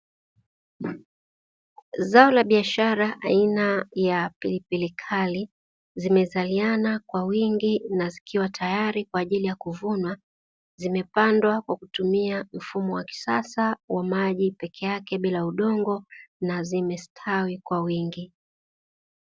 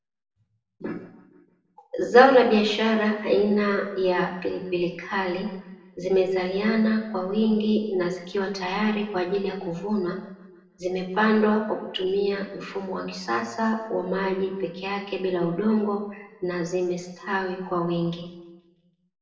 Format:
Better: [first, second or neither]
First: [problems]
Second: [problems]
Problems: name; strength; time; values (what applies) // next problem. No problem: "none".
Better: first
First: none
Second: room echo; dies away in 0.9 s